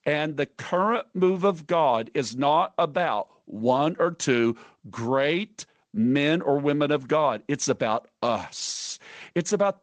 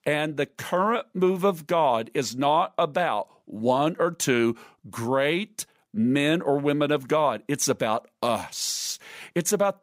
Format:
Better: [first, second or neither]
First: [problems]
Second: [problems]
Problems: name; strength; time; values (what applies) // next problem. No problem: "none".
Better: second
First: garbled, watery; slightly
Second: none